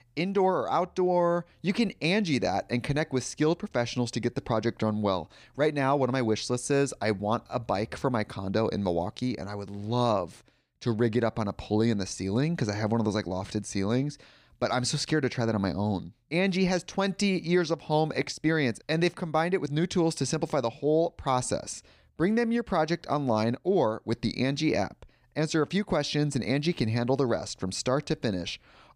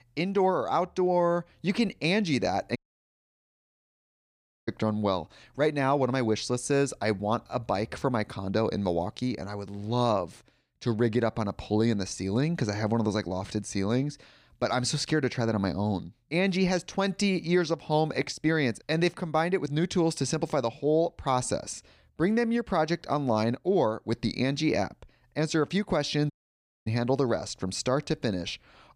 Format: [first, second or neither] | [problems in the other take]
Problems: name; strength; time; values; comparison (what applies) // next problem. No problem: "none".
first | audio cutting out; at 3 s for 2 s and at 26 s for 0.5 s